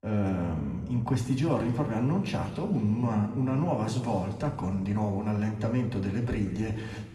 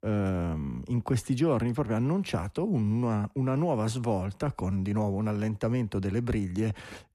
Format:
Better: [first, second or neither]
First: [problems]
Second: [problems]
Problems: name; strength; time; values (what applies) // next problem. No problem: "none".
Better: second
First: room echo; noticeable; dies away in 1.9 s // off-mic speech; somewhat distant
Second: none